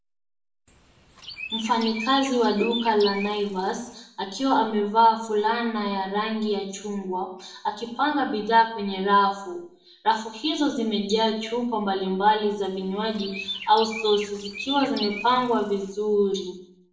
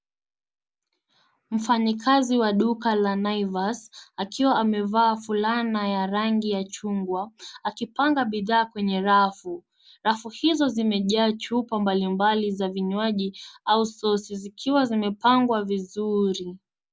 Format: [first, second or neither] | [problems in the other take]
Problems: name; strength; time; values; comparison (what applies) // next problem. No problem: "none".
second | background sound (Chirp, tweet); 12 dB below the speech // room echo; dies away in 0.6 s